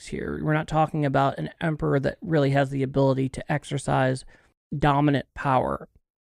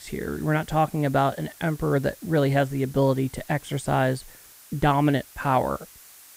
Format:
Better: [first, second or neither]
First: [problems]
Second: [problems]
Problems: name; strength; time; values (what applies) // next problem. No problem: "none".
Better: first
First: none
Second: hiss; faint; throughout; 20 dB below the speech